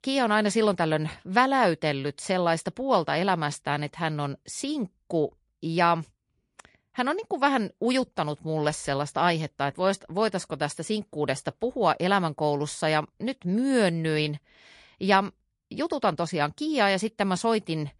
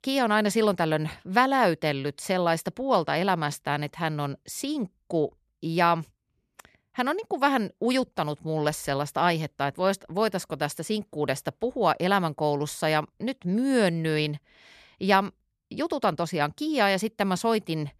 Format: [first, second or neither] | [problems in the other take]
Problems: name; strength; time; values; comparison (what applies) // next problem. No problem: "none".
second | garbled, watery; slightly